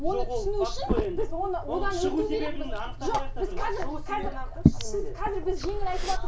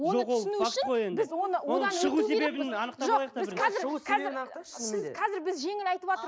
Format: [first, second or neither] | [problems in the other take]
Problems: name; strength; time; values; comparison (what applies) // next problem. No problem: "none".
second | background sound (Liquid); 2 dB above the speech // room echo; dies away in 0.2 s